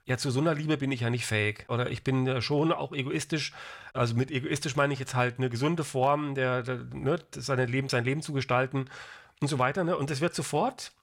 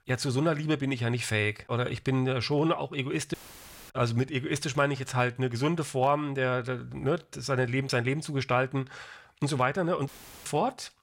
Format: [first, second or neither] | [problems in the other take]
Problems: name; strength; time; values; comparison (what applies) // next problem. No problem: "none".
first | audio cutting out; filled with static; at 3.5 s for 0.5 s and at 10 s